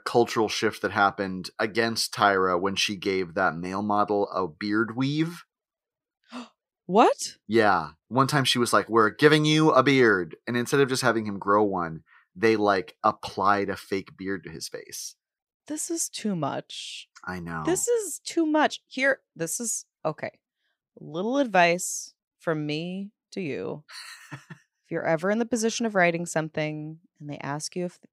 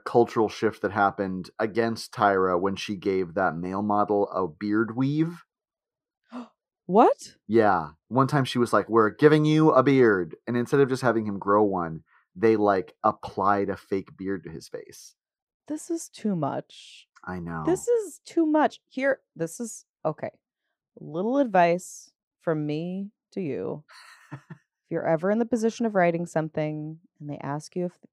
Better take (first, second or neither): first